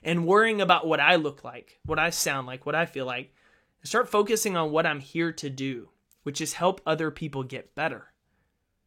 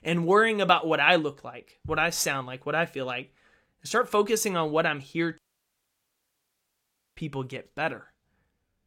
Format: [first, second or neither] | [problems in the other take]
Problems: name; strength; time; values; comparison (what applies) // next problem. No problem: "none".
first | audio cutting out; at 5.5 s for 2 s